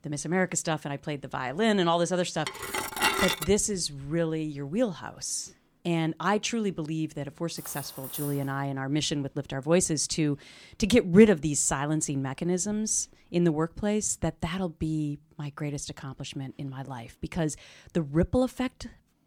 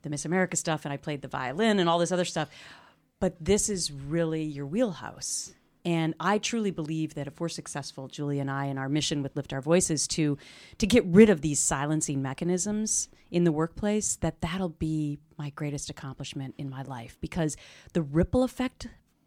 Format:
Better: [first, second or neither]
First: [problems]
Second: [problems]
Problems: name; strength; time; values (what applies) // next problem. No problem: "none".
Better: second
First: clattering dishes; loud; at 2.5 s; peak 4 dB above the speech // clattering dishes; noticeable; at 7.5 s; peak 8 dB below the speech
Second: none